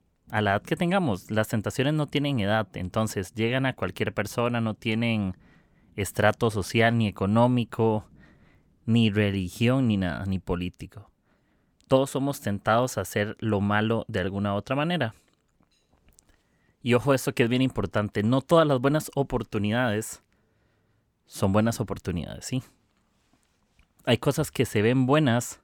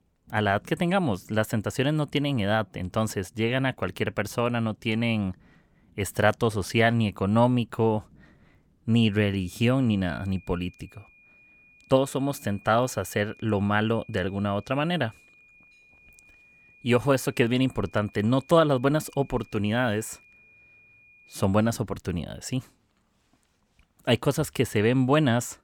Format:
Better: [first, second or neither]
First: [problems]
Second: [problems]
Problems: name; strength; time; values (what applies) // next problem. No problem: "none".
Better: first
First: none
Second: high-pitched whine; faint; from 9 to 21 s; 2.5 kHz, 30 dB below the speech